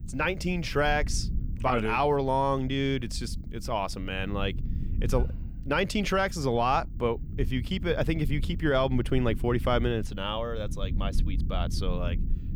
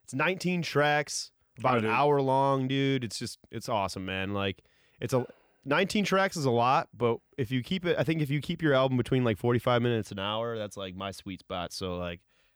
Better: second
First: low rumble; faint; throughout; 20 dB below the speech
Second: none

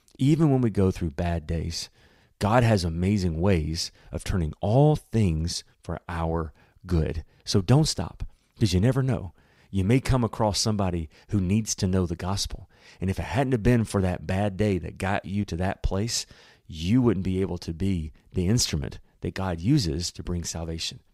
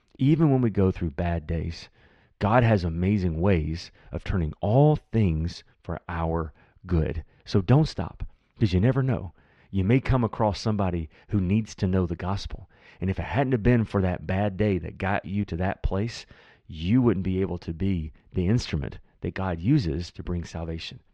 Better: first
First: none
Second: muffled; slightly; fading above 2.5 kHz

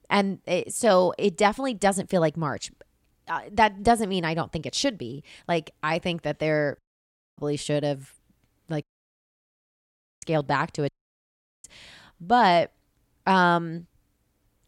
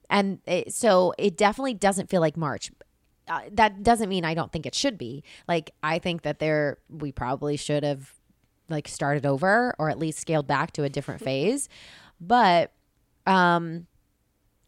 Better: second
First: audio cutting out; at 7 s for 0.5 s, at 9 s for 1.5 s and at 11 s for 1 s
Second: none

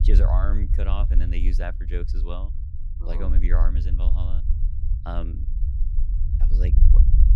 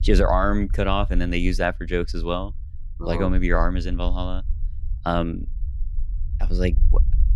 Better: second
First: low rumble; loud; throughout; 7 dB below the speech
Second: low rumble; faint; throughout; 25 dB below the speech

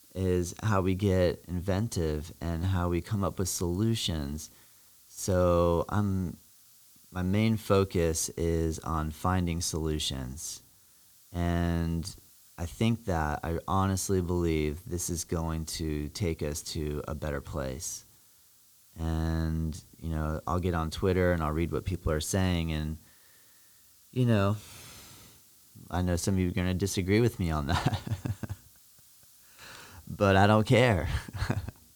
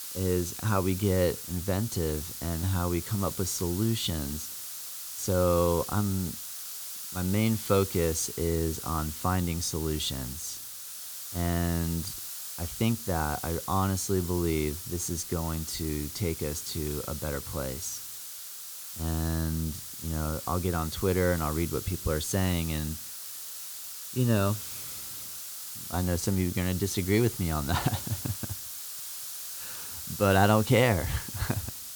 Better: first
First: hiss; faint; throughout; 25 dB below the speech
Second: hiss; loud; throughout; 7 dB below the speech

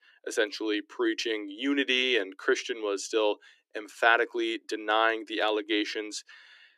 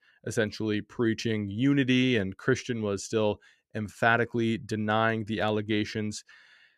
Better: second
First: thin; somewhat; fading below 300 Hz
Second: none

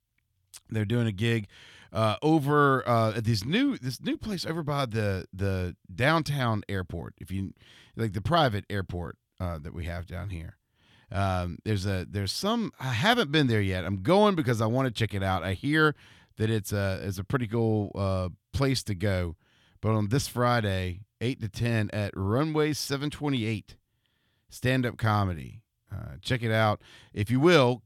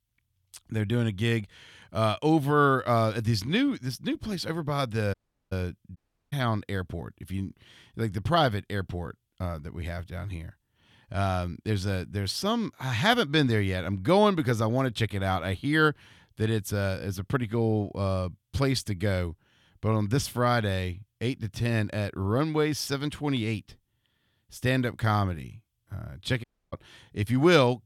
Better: first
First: none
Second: audio cutting out; at 5 s, at 6 s and at 26 s

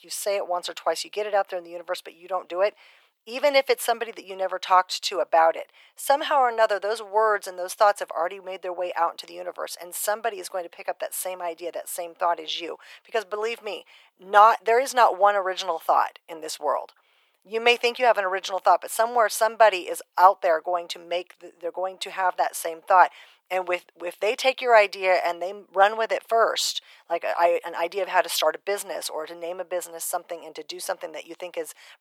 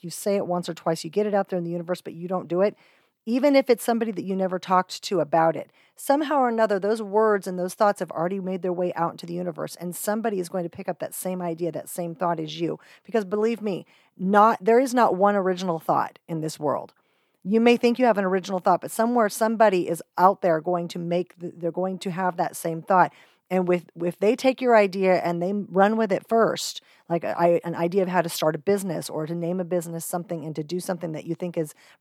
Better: second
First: thin; very; fading below 600 Hz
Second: none

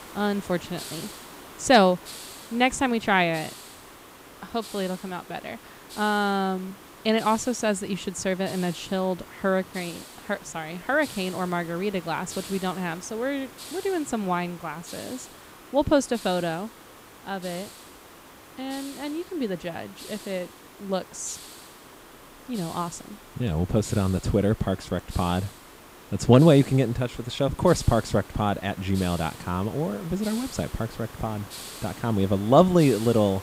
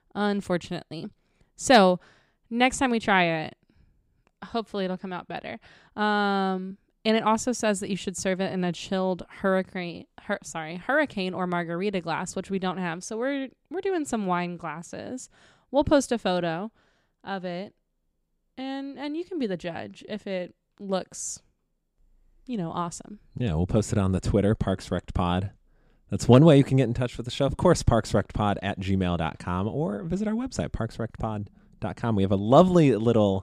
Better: second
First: hiss; noticeable; throughout; 15 dB below the speech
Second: none

